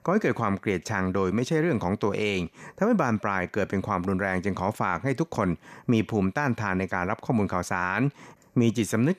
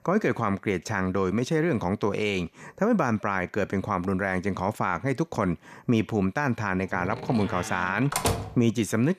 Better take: first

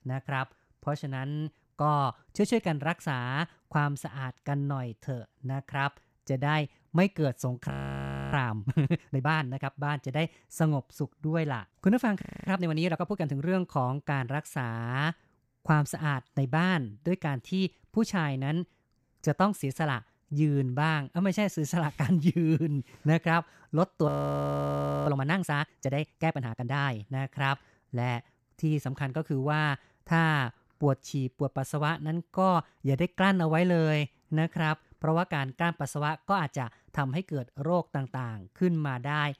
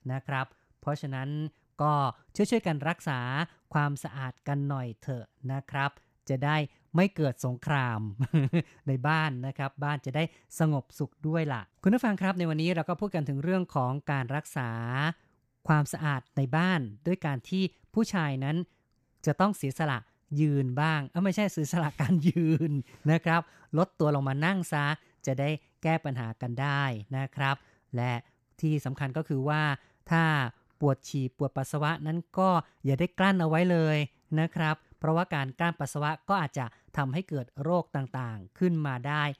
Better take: second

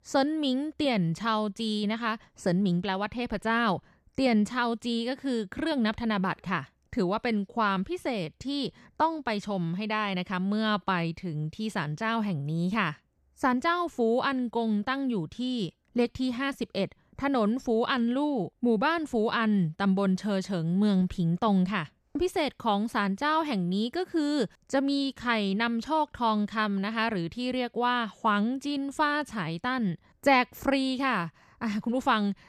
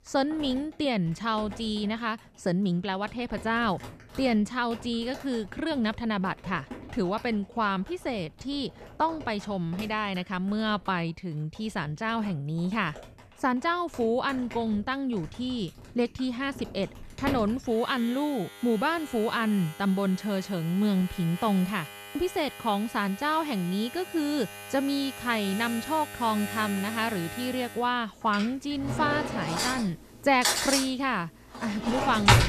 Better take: first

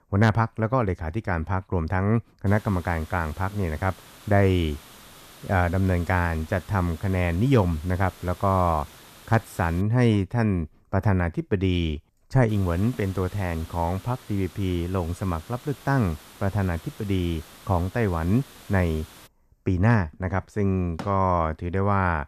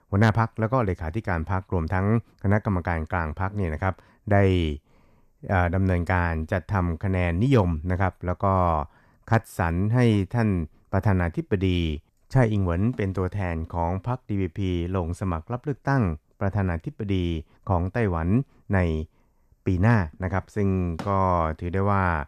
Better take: second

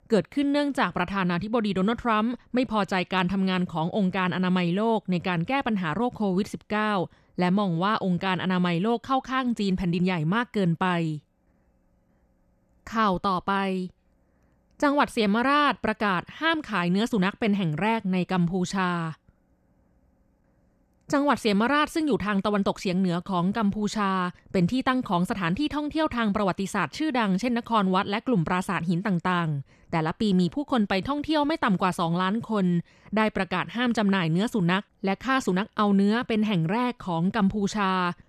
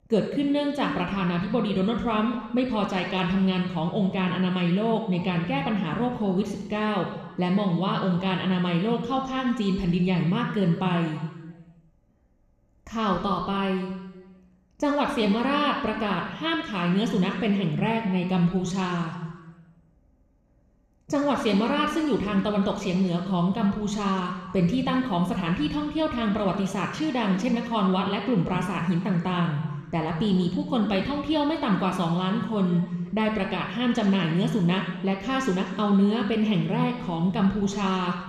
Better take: first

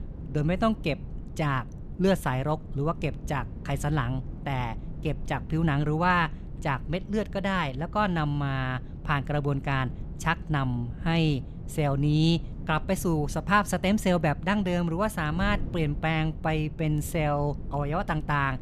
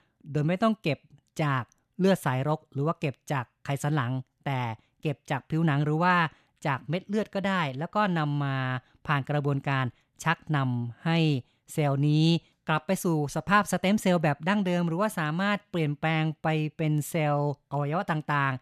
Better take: second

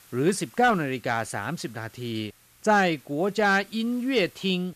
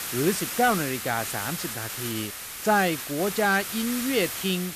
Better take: first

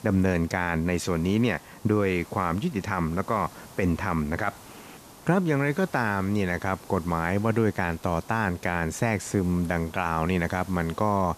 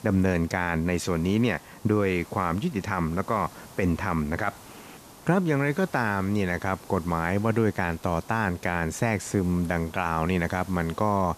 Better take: neither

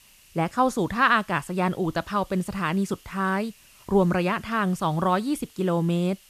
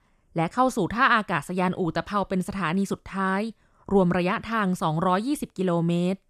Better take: second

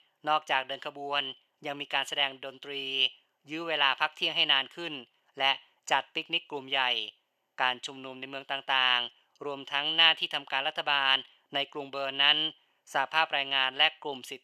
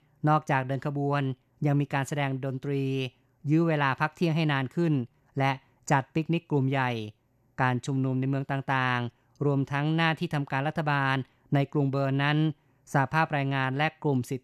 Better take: second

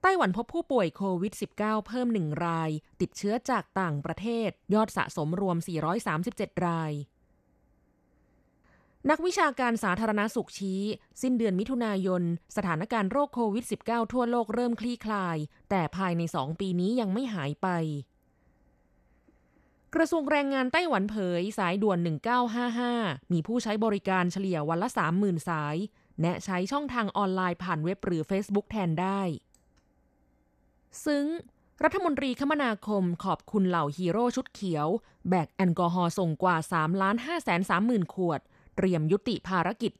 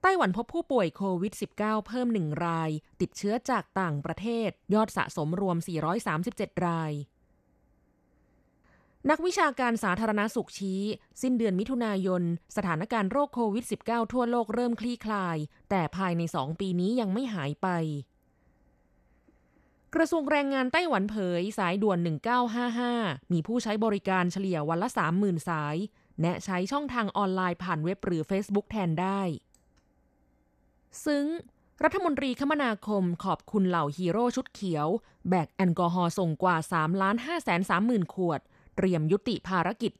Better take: neither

